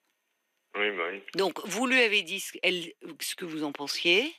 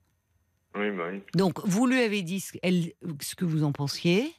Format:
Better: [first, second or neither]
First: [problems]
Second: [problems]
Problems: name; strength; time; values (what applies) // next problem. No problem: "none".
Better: second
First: thin; somewhat; fading below 300 Hz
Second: none